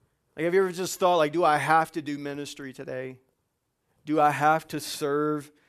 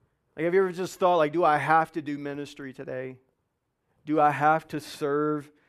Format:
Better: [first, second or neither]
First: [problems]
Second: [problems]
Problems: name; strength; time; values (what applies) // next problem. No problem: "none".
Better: first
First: none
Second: muffled; slightly; fading above 3.5 kHz